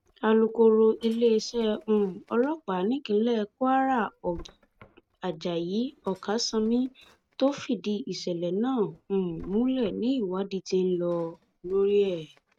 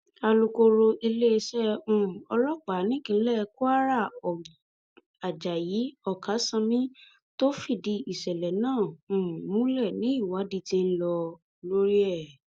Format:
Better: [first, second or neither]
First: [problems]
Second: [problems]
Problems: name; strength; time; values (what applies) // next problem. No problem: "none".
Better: second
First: noise reduction (neural mask model RNNoise)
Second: none